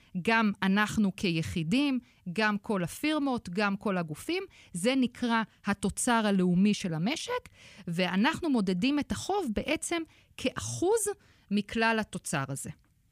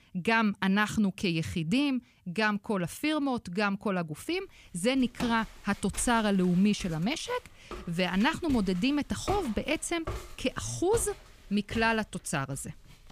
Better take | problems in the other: first | footsteps; noticeable; from 5 s on; peak 8 dB below the speech

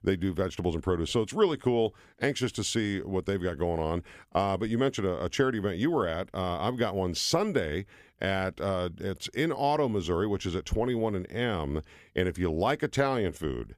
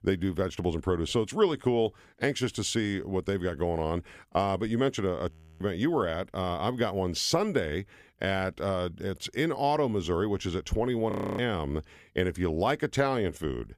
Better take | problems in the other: first | audio freezing; at 5.5 s and at 11 s

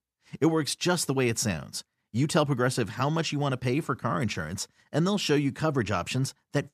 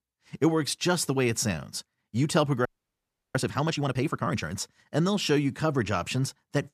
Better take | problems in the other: first | audio freezing; at 2.5 s for 0.5 s

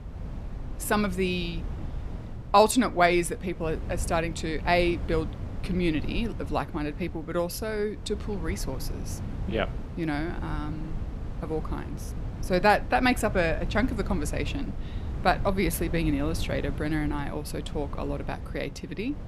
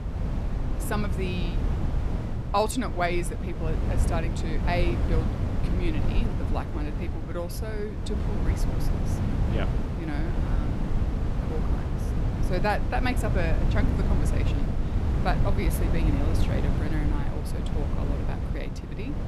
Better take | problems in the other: first | wind noise on the microphone; heavy; 4 dB below the speech; occasional gusts in the first

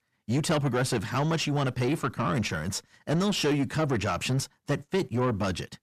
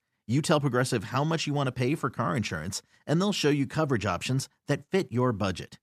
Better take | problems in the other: second | distortion; slight; 9 dB below the speech

